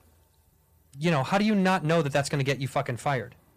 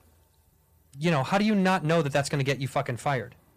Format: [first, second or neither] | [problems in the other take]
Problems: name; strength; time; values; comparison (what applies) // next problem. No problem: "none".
neither | distortion; slight; 10 dB below the speech; the same in both